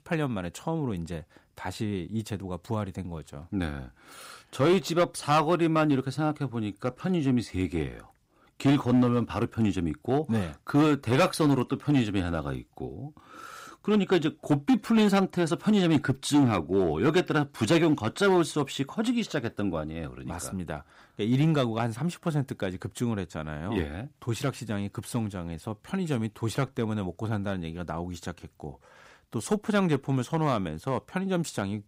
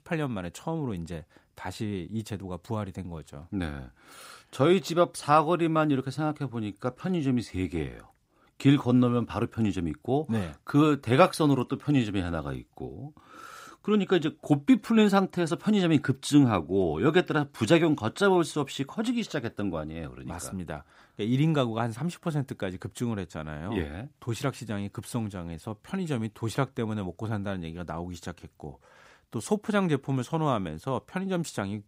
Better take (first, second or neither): second